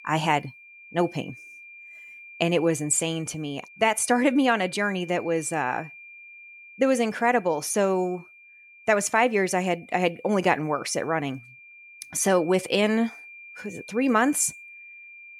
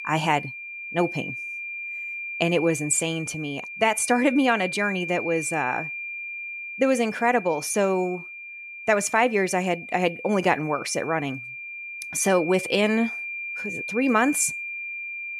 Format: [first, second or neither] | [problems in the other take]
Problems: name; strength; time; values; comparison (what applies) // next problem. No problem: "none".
first | high-pitched whine; loud; throughout; 2.5 kHz, 8 dB below the speech; faint in the first